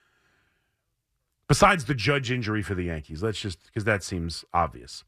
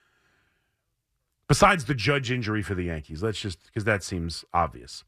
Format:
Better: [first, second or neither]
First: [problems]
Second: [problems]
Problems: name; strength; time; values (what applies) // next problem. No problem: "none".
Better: neither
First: none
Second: none